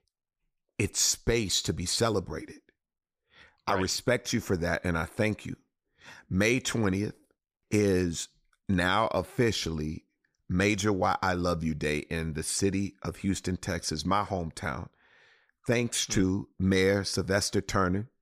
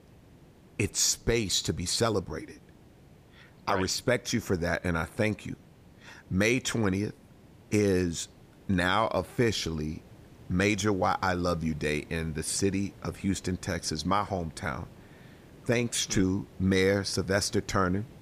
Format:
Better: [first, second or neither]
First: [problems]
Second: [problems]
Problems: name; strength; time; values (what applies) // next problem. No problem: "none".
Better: first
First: none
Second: hiss; faint; throughout; 25 dB below the speech